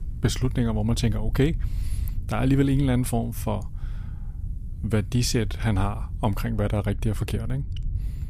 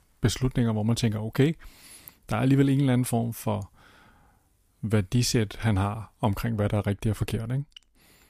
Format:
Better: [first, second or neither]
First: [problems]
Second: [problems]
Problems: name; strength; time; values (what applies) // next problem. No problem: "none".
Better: second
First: low rumble; faint; throughout; 20 dB below the speech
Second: none